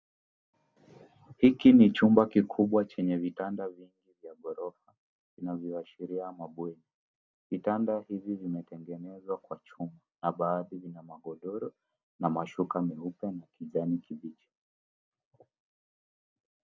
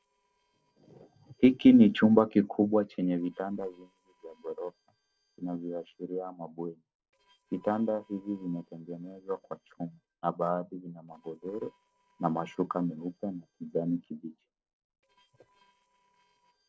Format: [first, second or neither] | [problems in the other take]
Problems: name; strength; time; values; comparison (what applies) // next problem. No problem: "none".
first | noise reduction (neural separator model SepFormer DNS4)